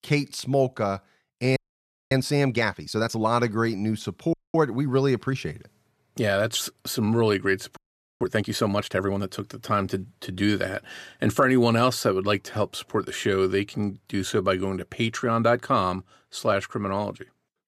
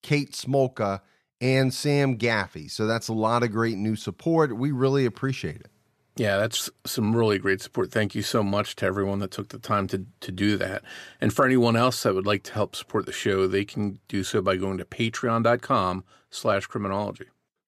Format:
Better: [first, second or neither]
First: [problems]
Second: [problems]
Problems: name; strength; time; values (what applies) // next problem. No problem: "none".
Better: second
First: audio freezing; at 1.5 s for 0.5 s, at 4.5 s and at 8 s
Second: none